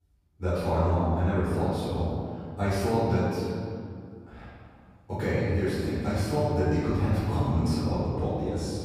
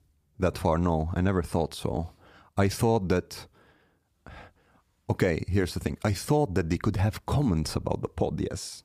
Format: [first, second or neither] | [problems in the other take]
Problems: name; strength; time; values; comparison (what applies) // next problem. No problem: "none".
second | off-mic speech; far // room echo; strong; dies away in 2.2 s